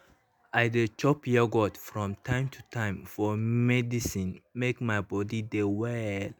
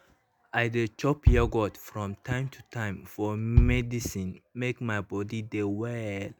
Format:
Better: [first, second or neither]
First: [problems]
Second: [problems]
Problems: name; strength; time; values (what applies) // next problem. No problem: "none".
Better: first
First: none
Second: background sound (Bass drum); as loud as the speech